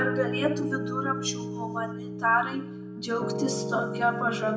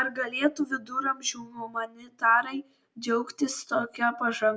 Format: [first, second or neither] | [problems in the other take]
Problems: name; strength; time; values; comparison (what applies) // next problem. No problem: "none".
second | background sound (Piano); 3 dB below the speech // room echo; dies away in 0.7 s